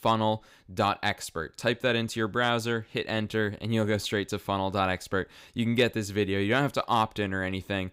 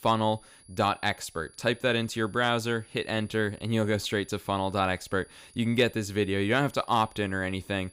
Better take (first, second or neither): first